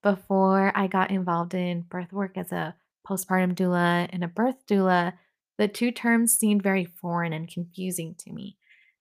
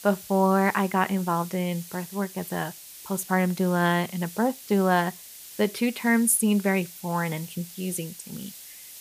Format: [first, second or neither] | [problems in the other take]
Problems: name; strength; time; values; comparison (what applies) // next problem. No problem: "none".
first | hiss; noticeable; throughout; 15 dB below the speech